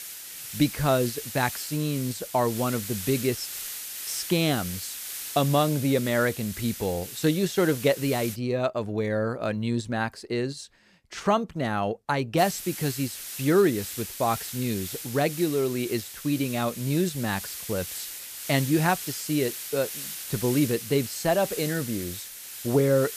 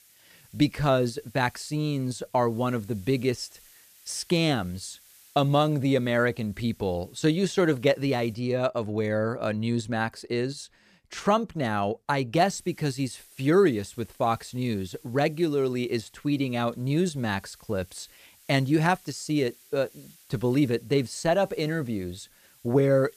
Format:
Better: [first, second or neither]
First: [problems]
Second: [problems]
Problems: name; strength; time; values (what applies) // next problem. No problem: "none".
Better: second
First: hiss; loud; until 8.5 s and from 12 s on; 8 dB below the speech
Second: hiss; faint; until 8.5 s and from 12 s on; 25 dB below the speech